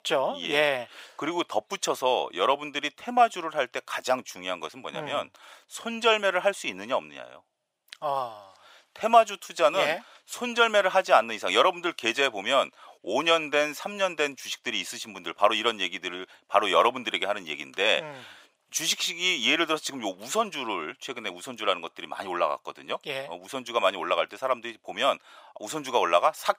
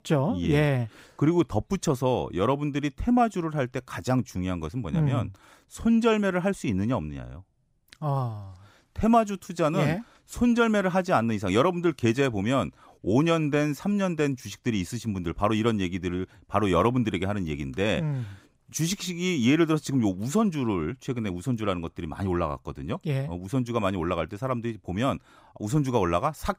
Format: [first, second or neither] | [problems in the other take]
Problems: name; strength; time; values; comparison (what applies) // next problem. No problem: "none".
second | thin; very; fading below 700 Hz